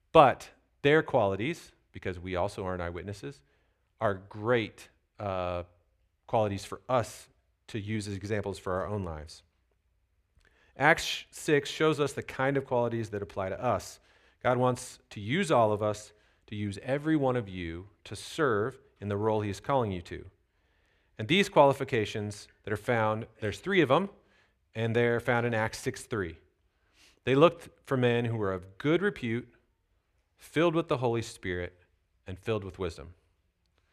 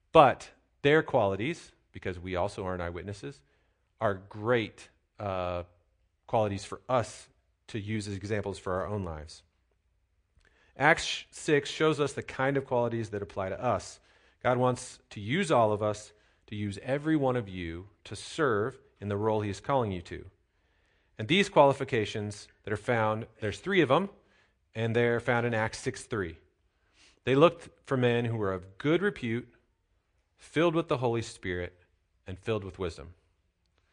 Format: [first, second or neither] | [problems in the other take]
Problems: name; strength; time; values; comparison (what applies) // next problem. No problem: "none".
first | garbled, watery; slightly; nothing above 9 kHz